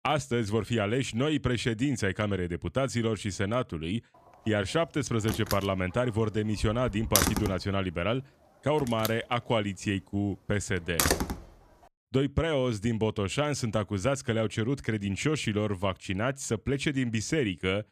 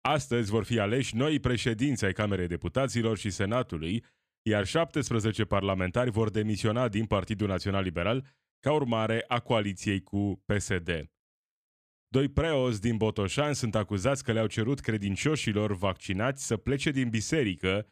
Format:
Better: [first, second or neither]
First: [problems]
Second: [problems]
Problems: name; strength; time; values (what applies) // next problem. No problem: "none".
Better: second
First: door banging; loud; from 5.5 to 11 s; peak 4 dB above the speech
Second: none